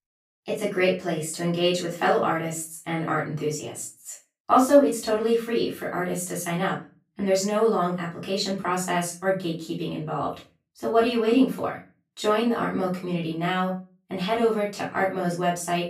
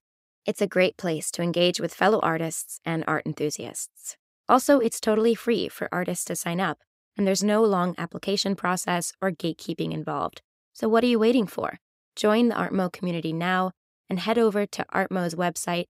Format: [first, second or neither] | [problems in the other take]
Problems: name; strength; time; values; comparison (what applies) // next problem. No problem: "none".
second | off-mic speech; far // room echo; slight; dies away in 0.3 s